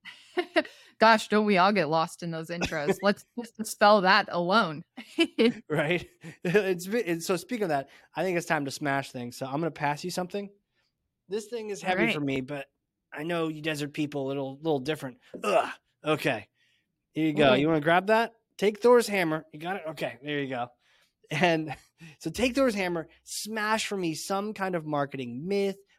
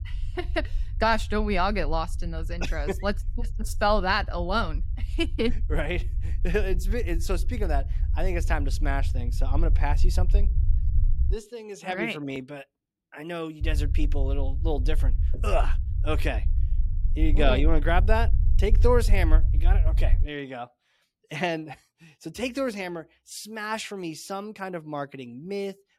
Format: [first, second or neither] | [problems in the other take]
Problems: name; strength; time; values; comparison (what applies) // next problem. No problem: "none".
first | low rumble; noticeable; until 11 s and from 14 to 20 s; 20 dB below the speech